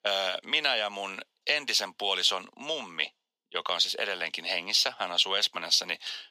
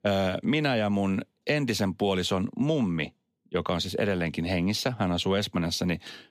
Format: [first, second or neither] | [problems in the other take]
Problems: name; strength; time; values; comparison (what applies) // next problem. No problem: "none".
second | thin; very; fading below 850 Hz